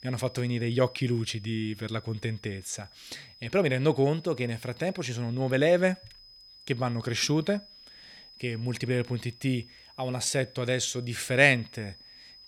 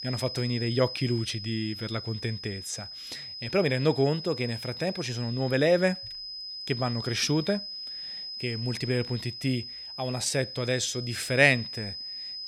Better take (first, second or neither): first